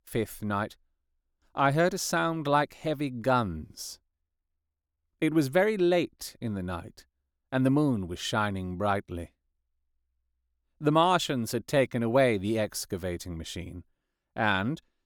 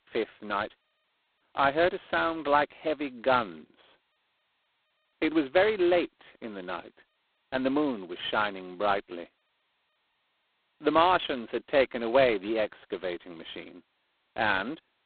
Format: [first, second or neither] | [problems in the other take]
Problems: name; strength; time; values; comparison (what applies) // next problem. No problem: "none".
first | phone-call audio; poor line; nothing above 4 kHz